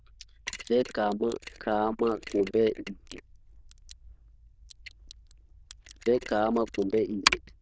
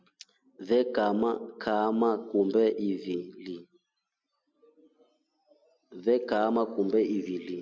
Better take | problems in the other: second | noise reduction (neural diffusion model UNIVERSE++)

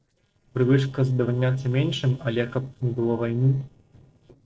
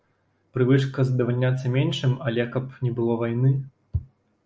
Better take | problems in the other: second | noise reduction (neural separator model SepFormer DNS4)

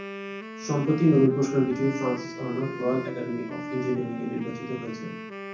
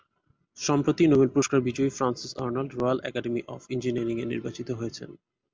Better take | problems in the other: second | background sound (Wind instrument, woodwind instrument); 10 dB below the speech // room echo; dies away in 0.6 s

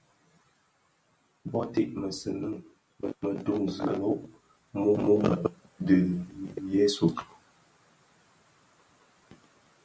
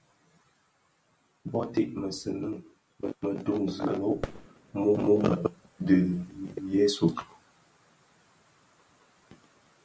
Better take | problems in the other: first | background sound (Fireworks); 15 dB below the speech

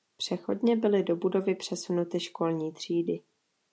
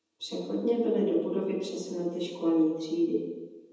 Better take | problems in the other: first | room echo; dies away in 1.1 s

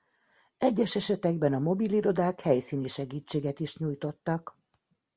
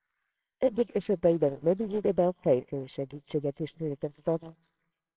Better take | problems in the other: first | noise reduction (neural separator model SepFormer WHAMR!)

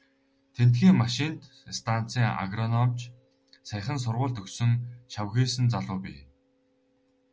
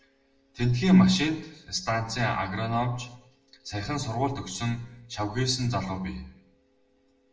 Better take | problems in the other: first | room echo; dies away in 0.7 s

